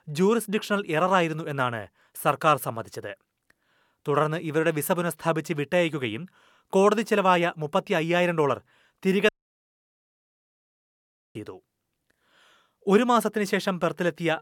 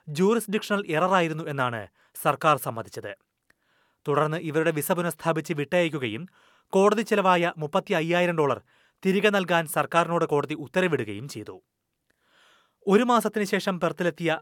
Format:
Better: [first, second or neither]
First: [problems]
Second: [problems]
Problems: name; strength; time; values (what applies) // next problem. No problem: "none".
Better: second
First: audio cutting out; at 9.5 s for 2 s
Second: none